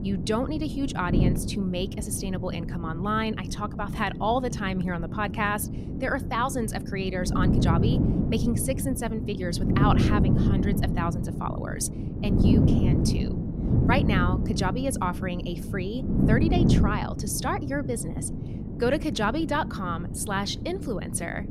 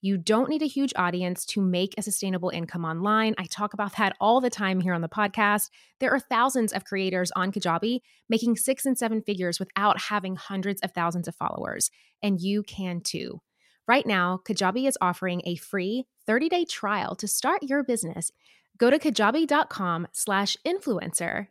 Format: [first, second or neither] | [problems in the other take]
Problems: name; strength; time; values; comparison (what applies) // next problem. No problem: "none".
second | wind noise on the microphone; heavy; 5 dB below the speech